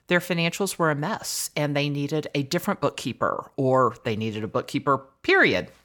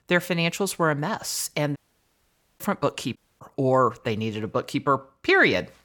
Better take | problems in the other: first | audio cutting out; at 2 s for 1 s and at 3 s

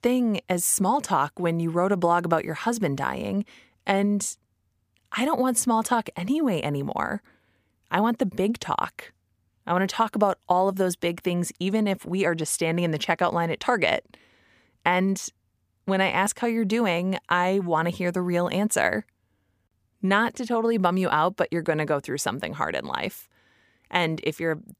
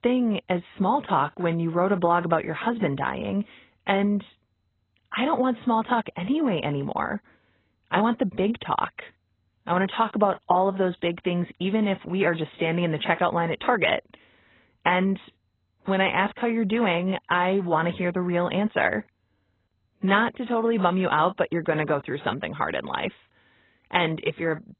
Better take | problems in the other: first | garbled, watery; badly; nothing above 4 kHz

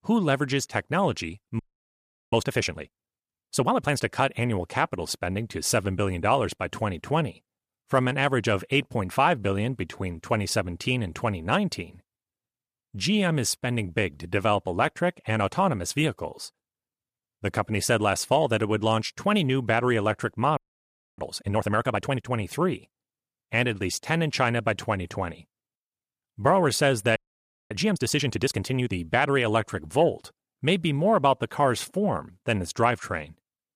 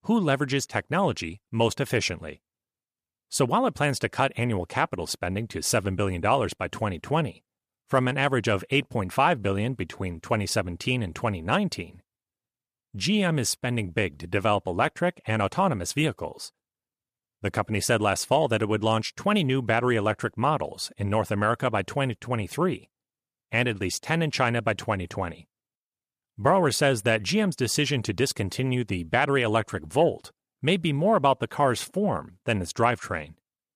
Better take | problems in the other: second | audio freezing; at 1.5 s for 0.5 s, at 21 s for 0.5 s and at 27 s for 0.5 s

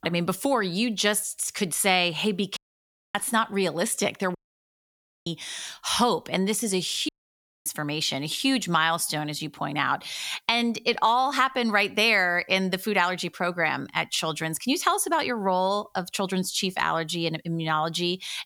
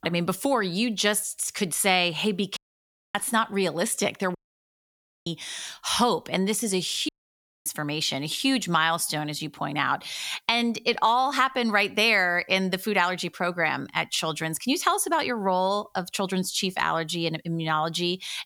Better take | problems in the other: neither | audio cutting out; at 2.5 s for 0.5 s, at 4.5 s for 1 s and at 7 s for 0.5 s; the same in both

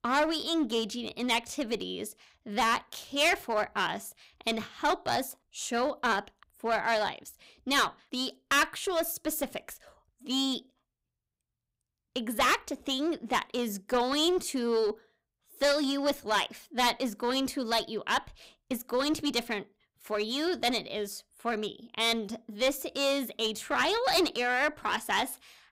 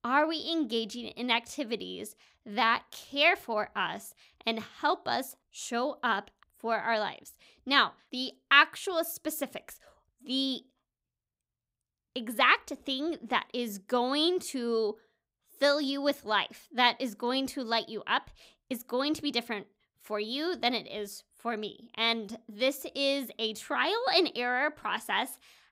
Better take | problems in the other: second | distortion; heavy; 7% of the sound clipped

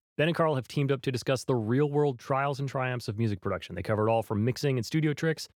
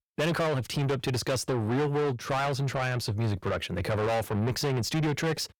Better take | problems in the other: first | distortion; heavy; 6 dB below the speech

